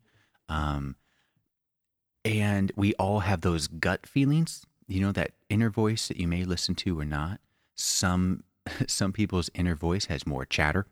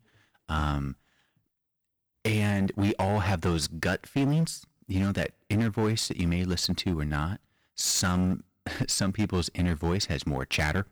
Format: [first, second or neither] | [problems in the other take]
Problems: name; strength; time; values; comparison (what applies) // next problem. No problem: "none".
first | distortion; slight; 9% of the sound clipped